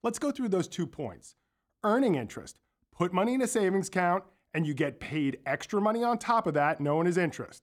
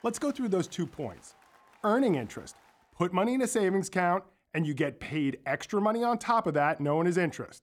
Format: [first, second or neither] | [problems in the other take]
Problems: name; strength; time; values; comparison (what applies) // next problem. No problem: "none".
first | crowd noise; faint; until 3 s; 30 dB below the speech